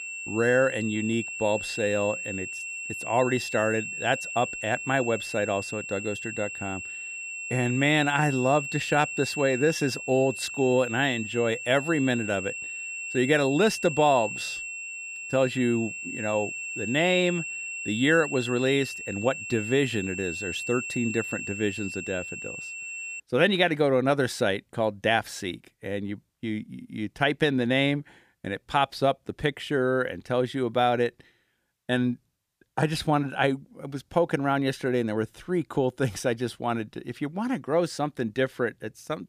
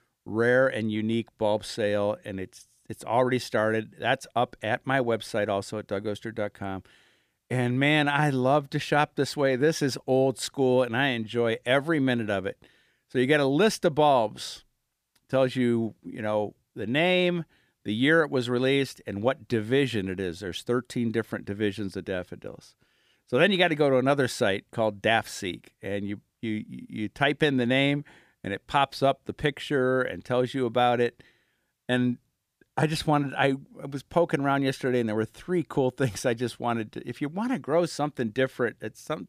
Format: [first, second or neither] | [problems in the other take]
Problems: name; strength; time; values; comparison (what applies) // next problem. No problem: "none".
second | high-pitched whine; loud; until 23 s; 2.5 kHz, 7 dB below the speech